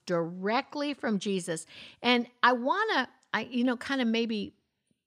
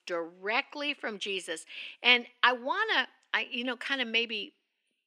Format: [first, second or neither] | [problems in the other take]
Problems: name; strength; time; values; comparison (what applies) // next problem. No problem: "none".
first | thin; somewhat; fading below 300 Hz